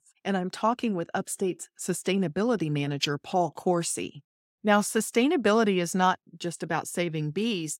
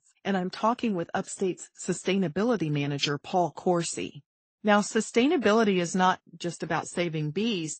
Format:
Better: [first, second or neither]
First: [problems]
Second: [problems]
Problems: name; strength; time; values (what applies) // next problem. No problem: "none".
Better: first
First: none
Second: garbled, watery; slightly; nothing above 8 kHz